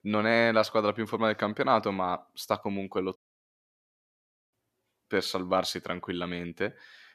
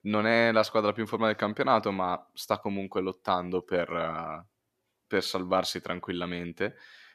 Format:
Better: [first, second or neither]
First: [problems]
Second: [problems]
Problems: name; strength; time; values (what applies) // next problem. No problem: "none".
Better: second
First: audio cutting out; at 3 s for 1.5 s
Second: none